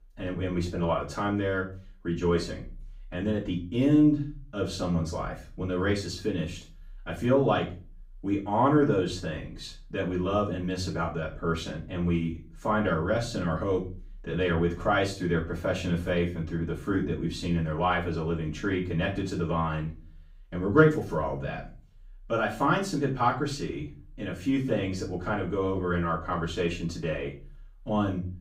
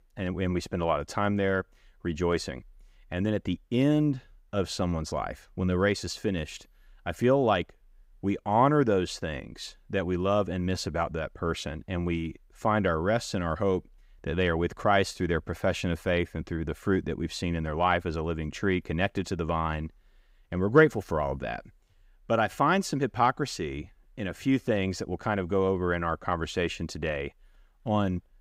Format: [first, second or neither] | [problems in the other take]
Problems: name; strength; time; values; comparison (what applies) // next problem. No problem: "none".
second | off-mic speech; far // room echo; slight; dies away in 0.3 s